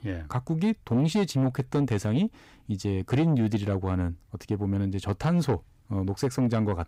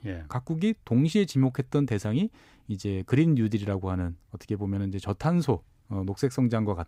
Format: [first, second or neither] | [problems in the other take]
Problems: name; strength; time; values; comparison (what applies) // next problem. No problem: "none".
second | distortion; slight; 10 dB below the speech